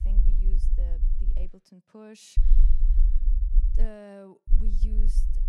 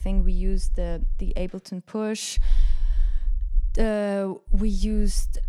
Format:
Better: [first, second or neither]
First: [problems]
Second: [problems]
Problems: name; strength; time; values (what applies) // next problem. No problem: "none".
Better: second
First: low rumble; loud; until 1.5 s, from 2.5 to 4 s and from 4.5 s on; 4 dB below the speech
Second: low rumble; faint; until 1.5 s, from 2.5 to 4 s and from 4.5 s on; 25 dB below the speech